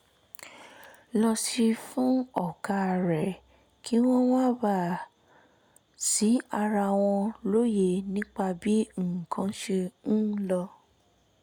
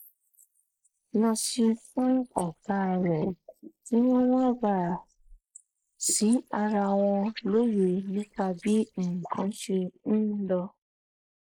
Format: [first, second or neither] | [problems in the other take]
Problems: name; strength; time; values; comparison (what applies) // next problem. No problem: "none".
first | noise reduction (neural mask model Resemble Enhance denoiser)